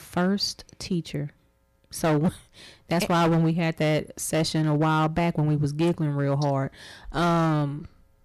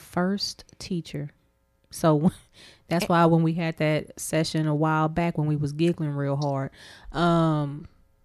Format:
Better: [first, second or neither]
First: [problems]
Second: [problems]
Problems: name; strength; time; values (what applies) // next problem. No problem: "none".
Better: second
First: distortion; slight; 10% of the sound clipped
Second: none